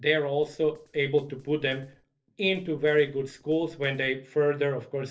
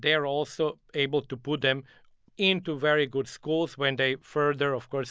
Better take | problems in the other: second | noise reduction (neural separator model SepFormer DNS4)

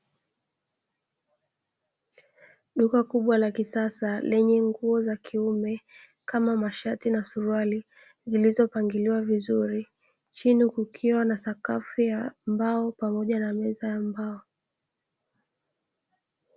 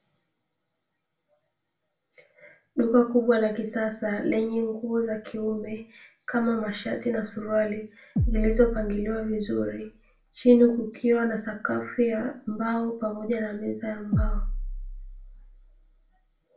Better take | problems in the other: first | background sound (Bass drum); 3 dB below the speech // room echo; dies away in 0.3 s

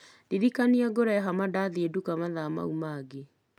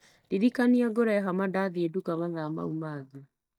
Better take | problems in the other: first | noise reduction (neural mask model DeepFilterNet 3)

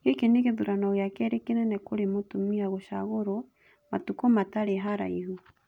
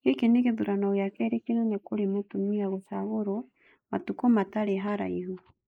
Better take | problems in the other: first | noise reduction (neural mask model Resemble Enhance denoiser)

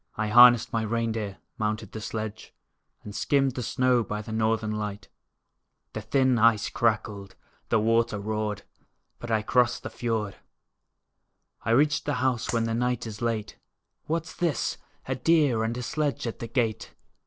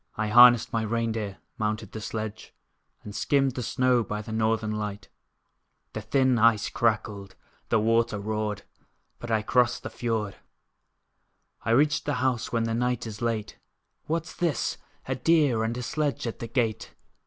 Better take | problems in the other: second | noise reduction (neural separator model SepFormer DNS4)

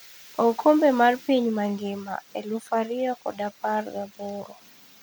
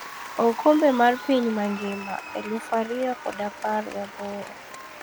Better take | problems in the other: first | background sound (Applause); 14 dB below the speech

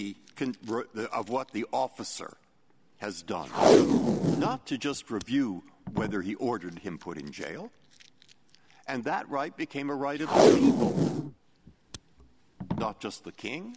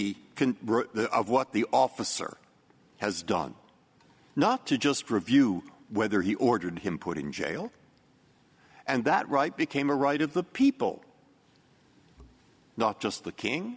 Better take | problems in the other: second | background sound (Packing tape, duct tape); 4 dB above the speech

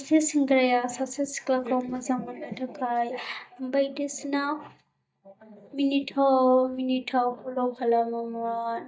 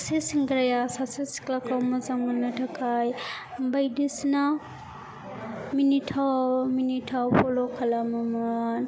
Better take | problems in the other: second | noise reduction (neural mask model DeepFilterNet 3)

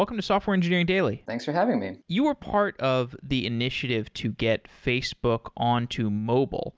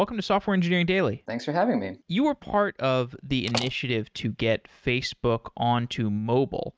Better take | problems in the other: first | noise reduction (neural mask model RNNoise)

